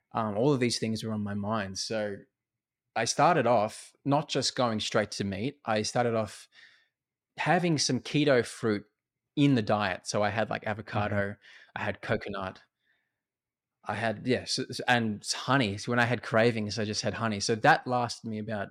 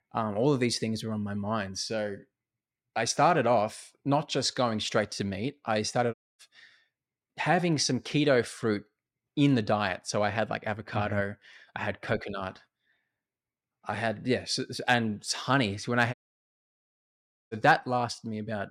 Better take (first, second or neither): first